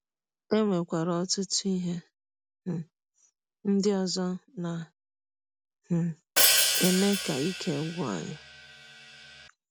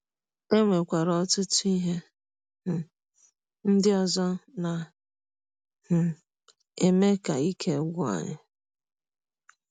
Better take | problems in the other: second | background sound (Hi-hat); 2 dB above the speech

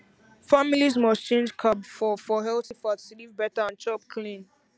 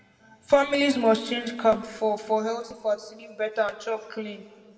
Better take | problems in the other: first | room echo; dies away in 1.5 s

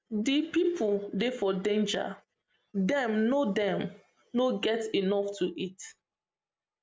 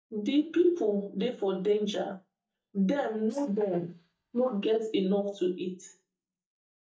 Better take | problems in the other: first | noise reduction (neural mask model DeepFilterNet 3)

